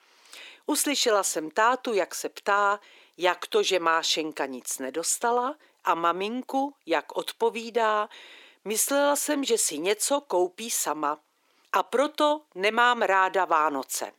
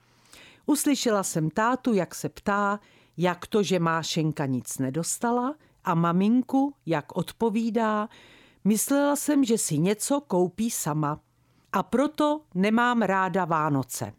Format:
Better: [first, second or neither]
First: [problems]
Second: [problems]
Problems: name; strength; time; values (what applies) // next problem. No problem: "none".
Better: second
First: thin; somewhat; fading below 350 Hz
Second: none